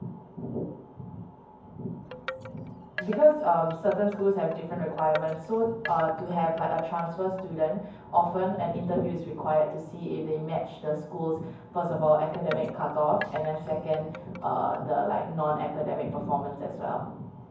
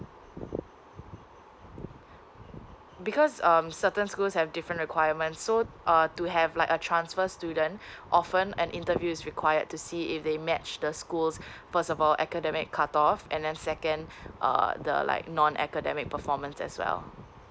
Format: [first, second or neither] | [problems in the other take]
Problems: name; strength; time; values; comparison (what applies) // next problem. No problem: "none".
second | background sound (Wind chime); 14 dB below the speech // room echo; dies away in 0.9 s